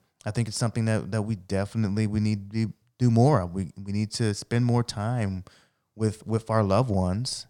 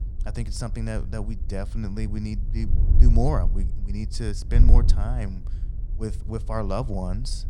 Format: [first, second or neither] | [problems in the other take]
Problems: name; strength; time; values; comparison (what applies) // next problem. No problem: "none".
first | wind noise on the microphone; occasional gusts; 10 dB below the speech